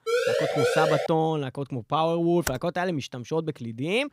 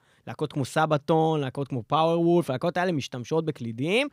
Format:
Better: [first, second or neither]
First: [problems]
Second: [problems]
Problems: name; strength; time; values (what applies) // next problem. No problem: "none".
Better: second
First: siren; loud; until 1 s; peak 3 dB above the speech // keyboard typing; very faint; at 2.5 s; peak 7 dB below the speech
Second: none